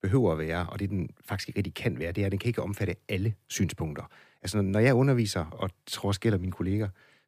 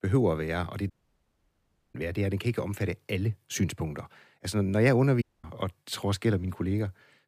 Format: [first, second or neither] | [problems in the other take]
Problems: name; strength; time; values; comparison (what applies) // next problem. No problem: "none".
first | audio cutting out; at 1 s for 1 s and at 5 s